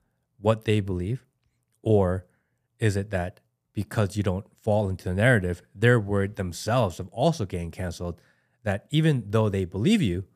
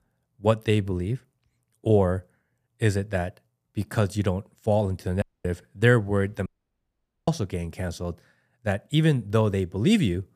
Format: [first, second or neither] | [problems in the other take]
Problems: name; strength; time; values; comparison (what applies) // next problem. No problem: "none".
first | audio cutting out; at 5 s and at 6.5 s for 1 s